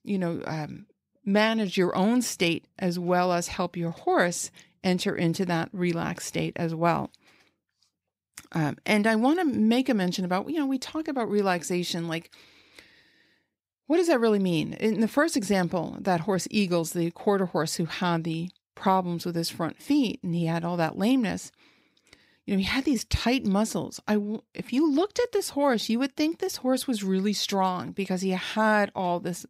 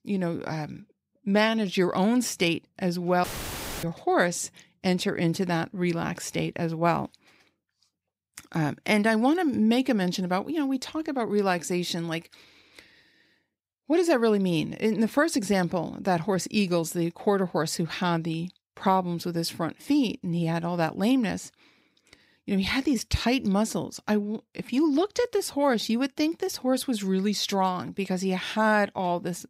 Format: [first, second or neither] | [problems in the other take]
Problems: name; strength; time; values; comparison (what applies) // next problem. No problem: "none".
first | audio cutting out; filled with static; at 3 s for 0.5 s